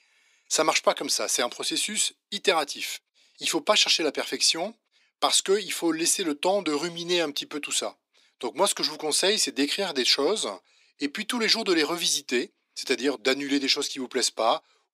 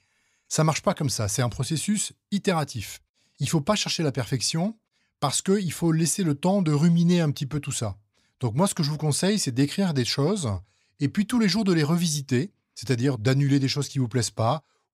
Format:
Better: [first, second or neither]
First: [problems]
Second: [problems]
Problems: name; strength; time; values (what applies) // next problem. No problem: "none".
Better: second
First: thin; somewhat; fading below 300 Hz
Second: none